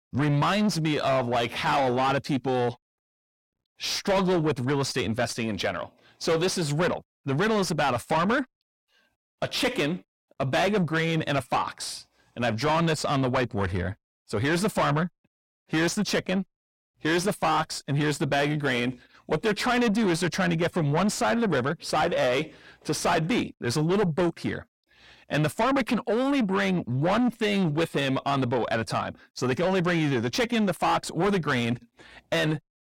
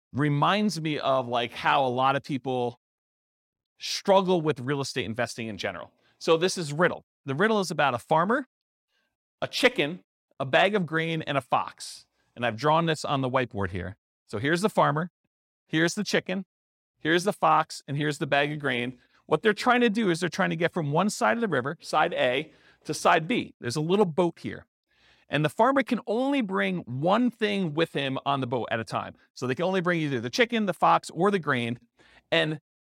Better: second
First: distortion; heavy; 6 dB below the speech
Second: none

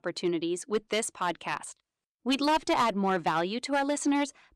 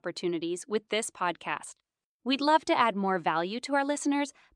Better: second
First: distortion; slight; 5% of the sound clipped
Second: none

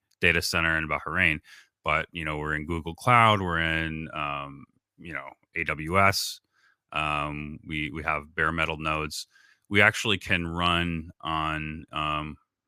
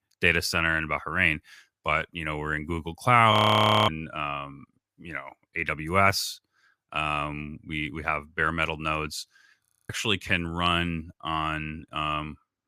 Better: first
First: none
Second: audio freezing; at 3.5 s for 0.5 s and at 9.5 s

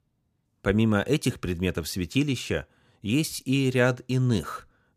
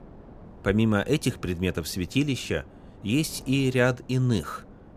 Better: first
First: none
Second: wind noise on the microphone; occasional gusts; 25 dB below the speech

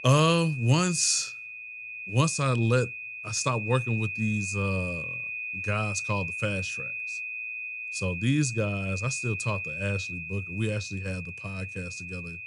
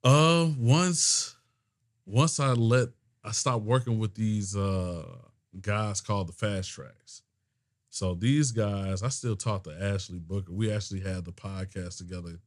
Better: second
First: high-pitched whine; loud; throughout; 2.5 kHz, 6 dB below the speech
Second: none

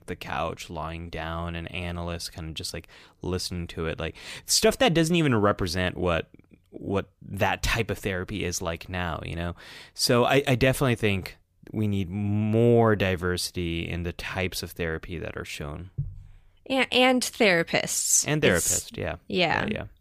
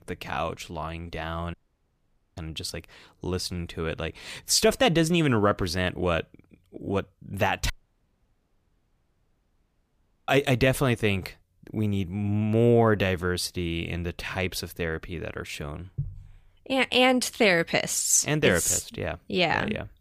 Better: first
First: none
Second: audio cutting out; at 1.5 s for 1 s and at 7.5 s for 2.5 s

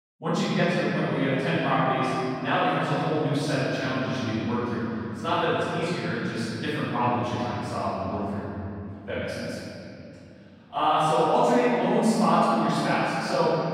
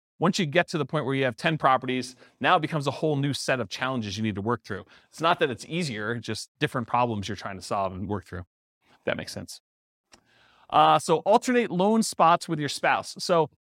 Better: second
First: room echo; strong; dies away in 3 s // off-mic speech; far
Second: none

